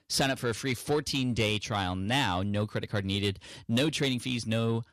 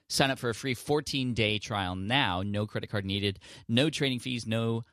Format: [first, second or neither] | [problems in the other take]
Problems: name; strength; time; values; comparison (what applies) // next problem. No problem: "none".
second | distortion; slight; 10 dB below the speech